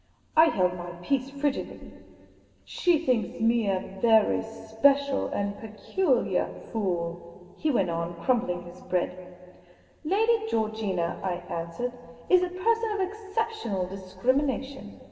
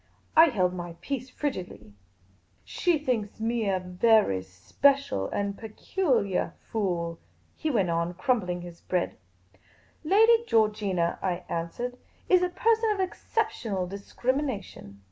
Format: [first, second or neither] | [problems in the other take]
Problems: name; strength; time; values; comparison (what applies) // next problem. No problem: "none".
second | room echo; dies away in 2.3 s